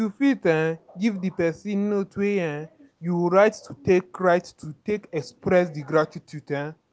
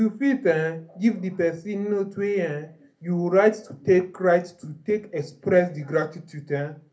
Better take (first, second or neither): first